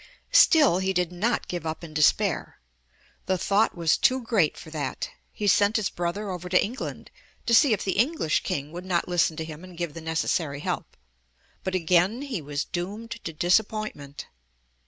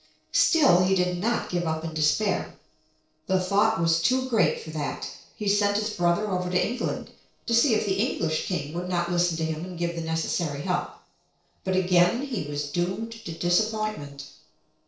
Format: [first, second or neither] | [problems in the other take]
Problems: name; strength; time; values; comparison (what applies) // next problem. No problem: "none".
first | noise reduction (neural separator model SepFormer DNS4)